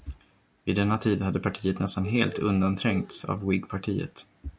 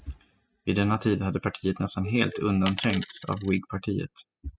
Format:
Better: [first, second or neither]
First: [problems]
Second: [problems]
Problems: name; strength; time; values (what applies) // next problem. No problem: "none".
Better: first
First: none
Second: noise reduction (classical method spectral subtraction)